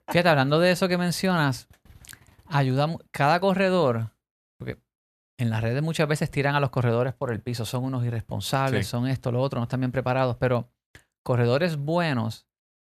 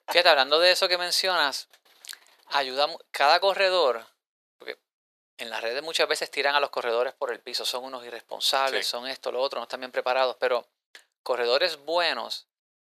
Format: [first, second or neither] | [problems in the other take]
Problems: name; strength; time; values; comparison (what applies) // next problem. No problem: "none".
first | thin; very; fading below 450 Hz